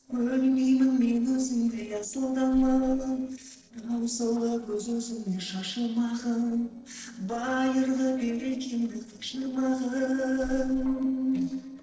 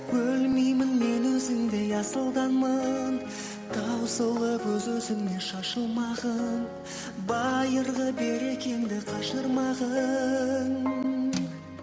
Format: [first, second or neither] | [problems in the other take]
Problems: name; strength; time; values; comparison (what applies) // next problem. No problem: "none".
second | noise reduction (neural separator model SepFormer DNS4)